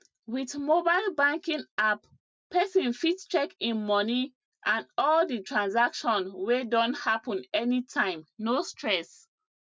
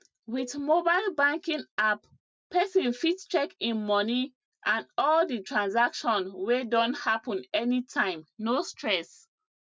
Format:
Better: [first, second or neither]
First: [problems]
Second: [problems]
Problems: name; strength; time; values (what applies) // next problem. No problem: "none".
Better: first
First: none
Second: background sound (Cowbell); 20 dB below the speech